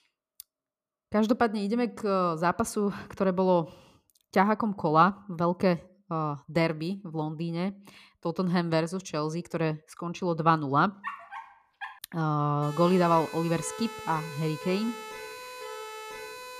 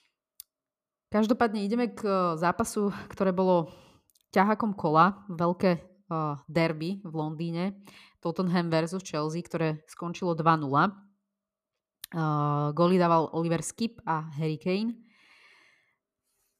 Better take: second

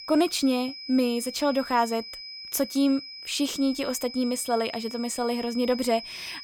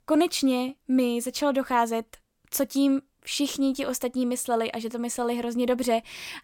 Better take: second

